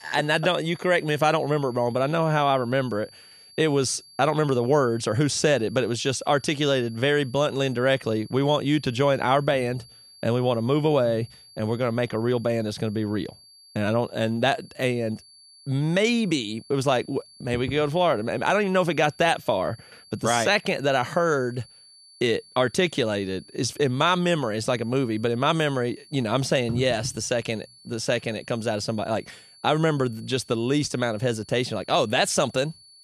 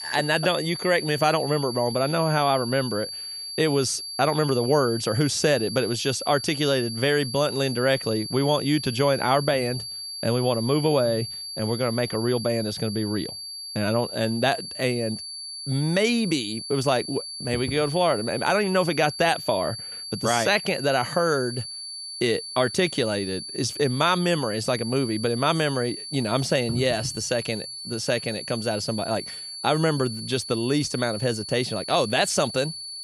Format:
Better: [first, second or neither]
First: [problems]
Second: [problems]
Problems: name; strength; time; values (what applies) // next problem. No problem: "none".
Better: first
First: high-pitched whine; faint; throughout; 4.5 kHz, 25 dB below the speech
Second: high-pitched whine; loud; throughout; 4.5 kHz, 8 dB below the speech